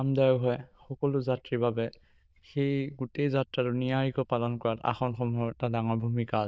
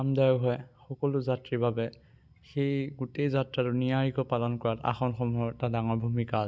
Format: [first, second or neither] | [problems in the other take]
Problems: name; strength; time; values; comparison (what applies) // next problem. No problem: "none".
second | noise reduction (neural diffusion model UNIVERSE++)